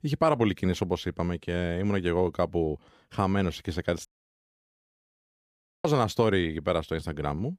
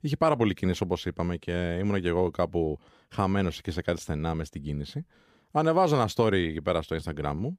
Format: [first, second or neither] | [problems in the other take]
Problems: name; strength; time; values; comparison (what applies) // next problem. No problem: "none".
second | audio cutting out; at 4 s for 2 s